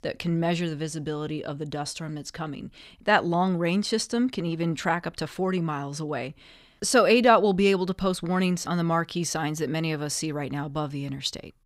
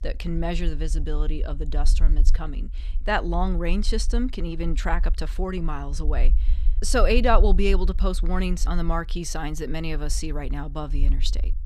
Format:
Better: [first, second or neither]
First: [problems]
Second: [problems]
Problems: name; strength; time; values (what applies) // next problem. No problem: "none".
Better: first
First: none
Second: low rumble; faint; throughout; 25 dB below the speech